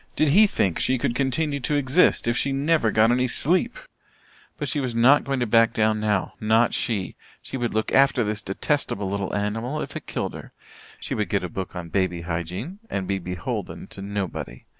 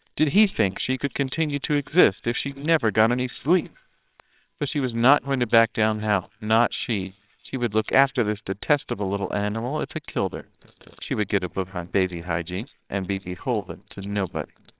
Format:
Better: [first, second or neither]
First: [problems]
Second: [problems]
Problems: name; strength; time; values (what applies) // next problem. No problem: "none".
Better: first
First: none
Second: noise reduction (neural separator model SepFormer WHAMR!)